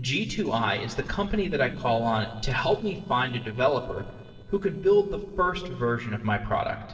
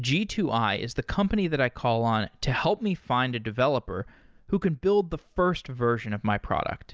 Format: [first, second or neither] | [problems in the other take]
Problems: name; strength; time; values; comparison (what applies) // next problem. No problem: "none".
second | noise reduction (neural separator model SepFormer DNS4)